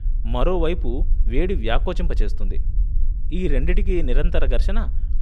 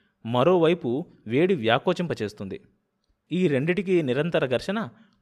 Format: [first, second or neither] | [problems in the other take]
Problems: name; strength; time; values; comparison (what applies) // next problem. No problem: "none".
second | low rumble; faint; throughout; 20 dB below the speech